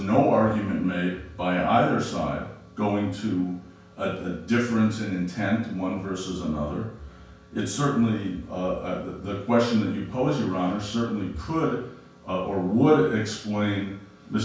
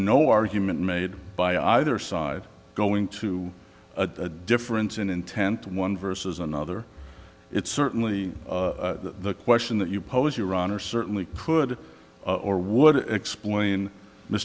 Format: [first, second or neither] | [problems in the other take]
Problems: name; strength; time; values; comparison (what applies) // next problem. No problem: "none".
second | room echo; dies away in 0.5 s